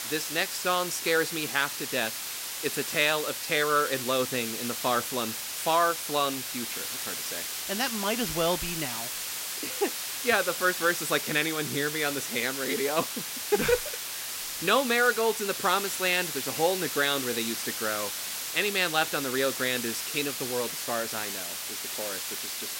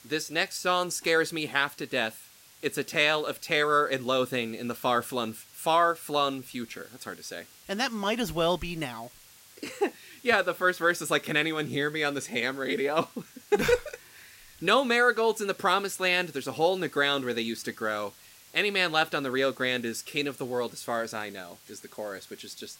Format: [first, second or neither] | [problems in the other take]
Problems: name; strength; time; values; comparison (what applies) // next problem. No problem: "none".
second | hiss; loud; throughout; 4 dB below the speech; faint in the second